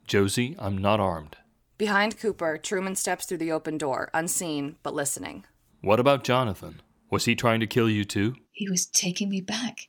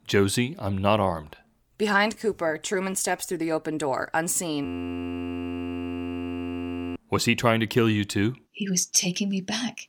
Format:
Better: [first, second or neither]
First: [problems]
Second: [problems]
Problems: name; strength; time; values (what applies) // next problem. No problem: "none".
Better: first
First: none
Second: audio freezing; at 4.5 s for 2.5 s